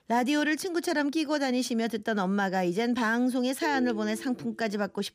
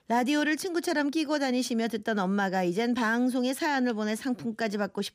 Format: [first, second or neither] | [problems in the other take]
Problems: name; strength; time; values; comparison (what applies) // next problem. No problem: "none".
second | phone ringing; noticeable; at 3.5 s; peak 9 dB below the speech